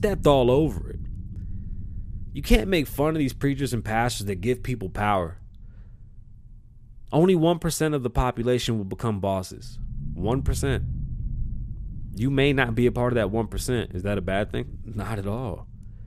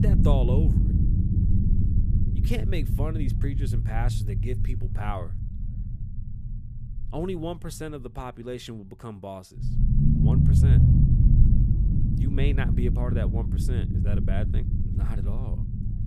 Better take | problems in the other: first | low rumble; loud; throughout; as loud as the speech; faint in the first

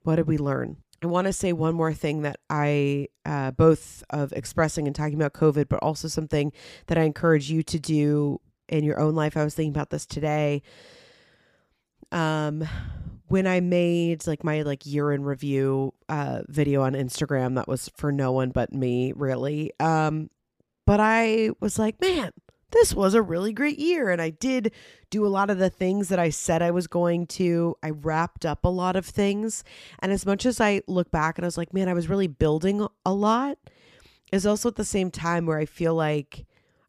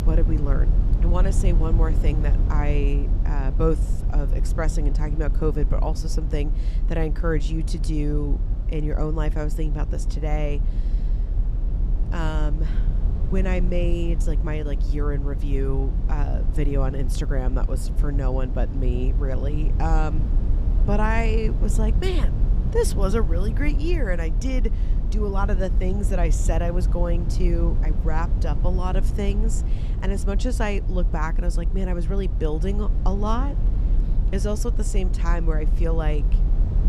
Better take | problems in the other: first | low rumble; noticeable; throughout; 10 dB below the speech

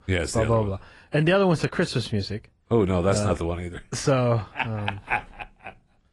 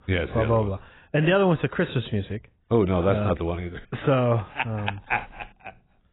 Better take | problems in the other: first | garbled, watery; badly; nothing above 4 kHz; slightly in the first

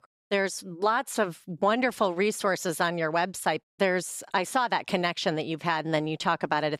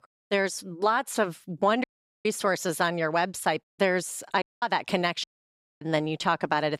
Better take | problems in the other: first | audio cutting out; at 2 s, at 4.5 s and at 5 s for 0.5 s

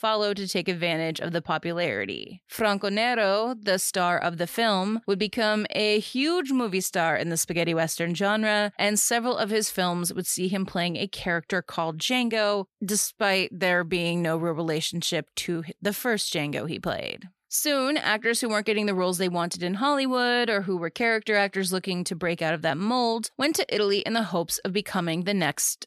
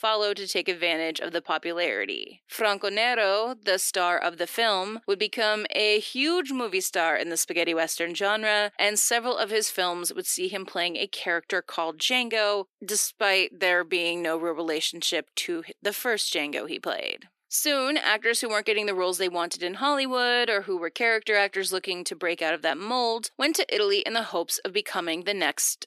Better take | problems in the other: first | thin; somewhat; fading below 300 Hz

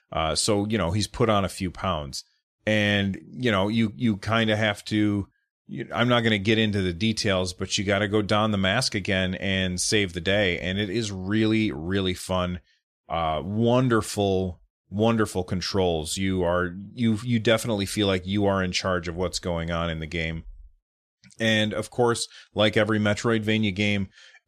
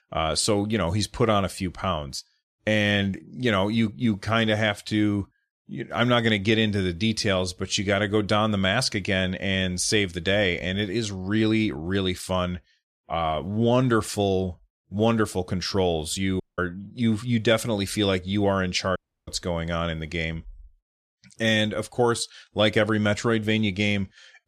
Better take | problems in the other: first | audio cutting out; at 16 s and at 19 s

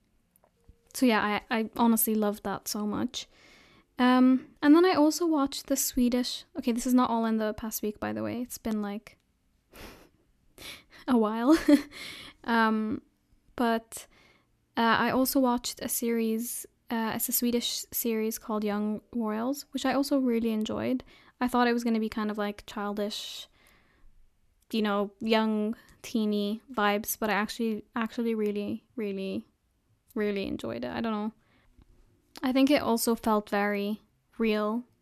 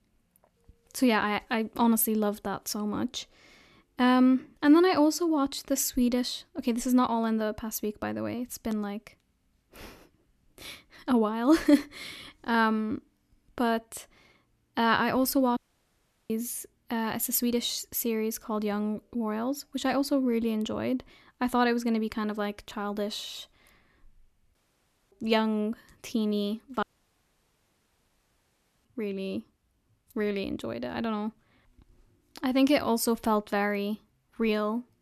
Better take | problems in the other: first | audio cutting out; at 16 s for 0.5 s, at 25 s for 0.5 s and at 27 s for 2 s

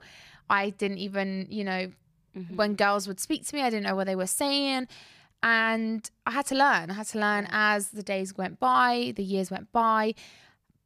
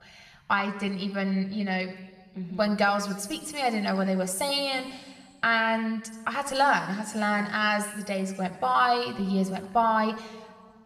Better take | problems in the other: first | room echo; slight; dies away in 1.6 s

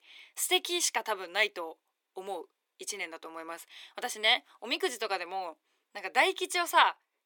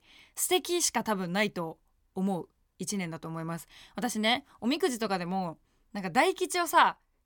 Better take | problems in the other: second | thin; very; fading below 350 Hz

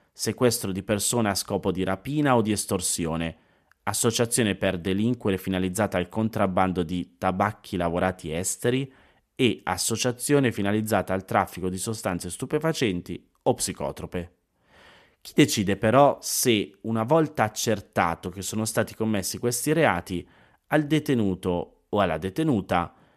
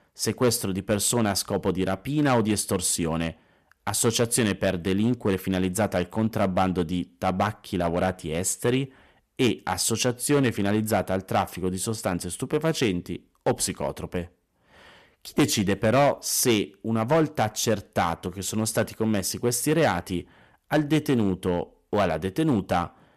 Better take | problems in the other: first | distortion; slight; 3% of the sound clipped

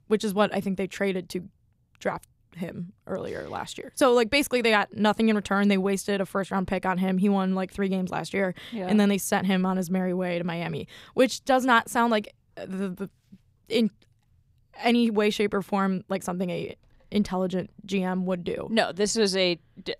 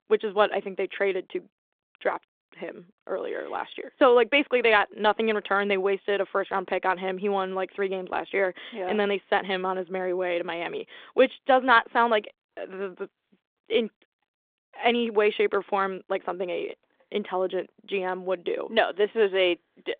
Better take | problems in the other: first | phone-call audio

